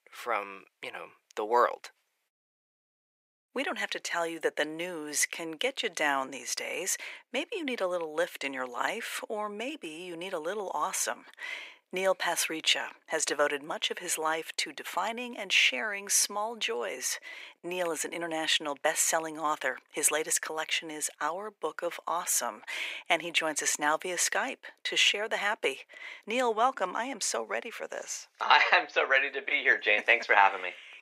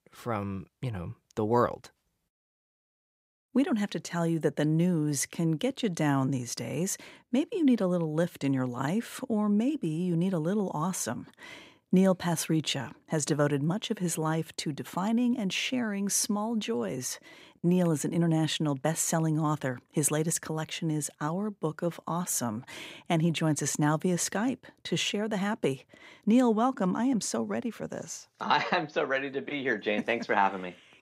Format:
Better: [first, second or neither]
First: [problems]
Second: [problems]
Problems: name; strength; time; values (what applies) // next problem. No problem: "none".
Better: second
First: thin; very; fading below 500 Hz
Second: none